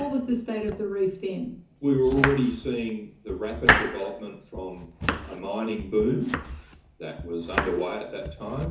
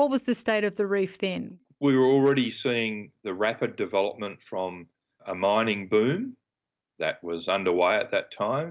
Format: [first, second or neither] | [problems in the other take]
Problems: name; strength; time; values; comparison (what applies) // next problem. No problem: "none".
second | background sound (Domestic sounds, home sounds); 3 dB below the speech // room echo; dies away in 0.6 s